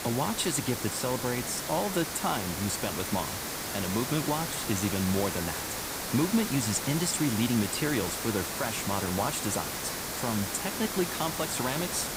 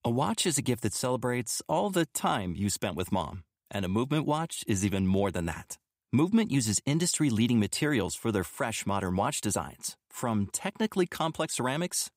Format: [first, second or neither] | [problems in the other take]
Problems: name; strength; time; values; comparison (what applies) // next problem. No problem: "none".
second | hiss; loud; throughout; 2 dB below the speech